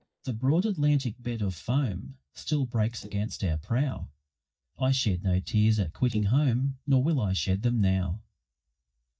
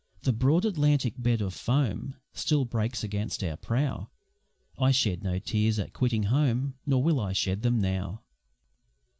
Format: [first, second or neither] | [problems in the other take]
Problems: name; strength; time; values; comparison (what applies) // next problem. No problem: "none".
second | noise reduction (neural mask model DeepFilterNet 3)